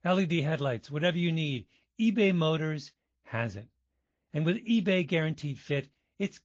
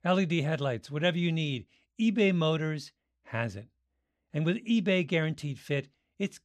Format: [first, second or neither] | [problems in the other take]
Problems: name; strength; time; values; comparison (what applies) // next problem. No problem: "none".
second | garbled, watery; slightly; nothing above 7 kHz